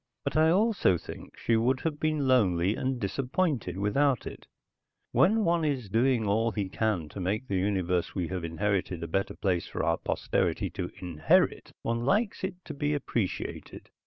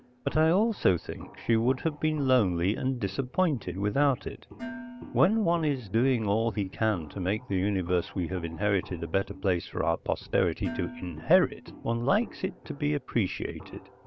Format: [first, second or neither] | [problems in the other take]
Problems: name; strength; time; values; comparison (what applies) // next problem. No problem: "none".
first | background sound (Dishes, pots, and pans + Walk, footsteps); 18 dB below the speech